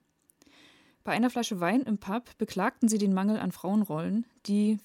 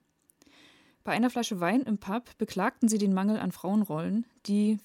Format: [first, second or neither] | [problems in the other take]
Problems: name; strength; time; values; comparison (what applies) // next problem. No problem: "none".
neither | none